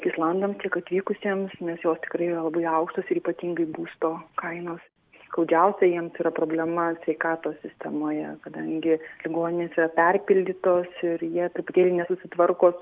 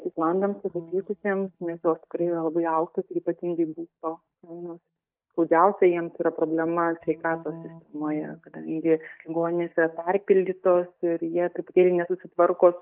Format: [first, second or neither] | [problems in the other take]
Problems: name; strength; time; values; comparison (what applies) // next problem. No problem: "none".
first | noise reduction (neural mask model DeepFilterNet 3)